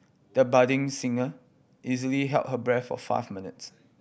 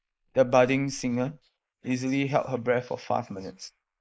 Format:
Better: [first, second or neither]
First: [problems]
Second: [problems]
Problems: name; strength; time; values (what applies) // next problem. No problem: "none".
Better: first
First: none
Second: noise reduction (neural mask model Resemble Enhance denoiser)